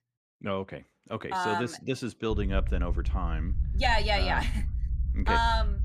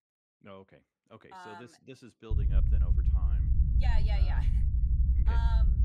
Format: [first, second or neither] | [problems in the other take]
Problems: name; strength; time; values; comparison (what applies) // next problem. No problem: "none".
first | low rumble; loud; from 2.5 s on; 2 dB below the speech; faint in the first